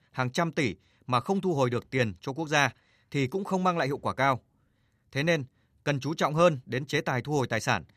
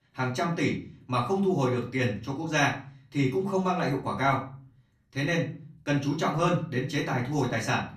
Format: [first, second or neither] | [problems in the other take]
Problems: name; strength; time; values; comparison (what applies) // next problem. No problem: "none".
first | room echo; slight; dies away in 0.4 s // off-mic speech; far